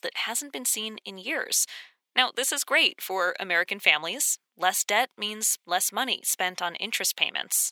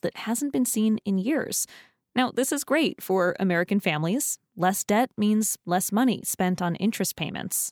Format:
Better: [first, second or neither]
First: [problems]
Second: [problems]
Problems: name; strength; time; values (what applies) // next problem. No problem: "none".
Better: second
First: thin; very; fading below 700 Hz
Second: none